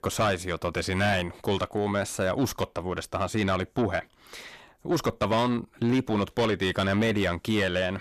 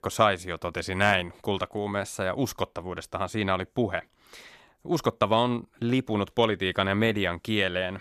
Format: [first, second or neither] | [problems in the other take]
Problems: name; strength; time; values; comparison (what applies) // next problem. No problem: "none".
second | distortion; heavy; 7 dB below the speech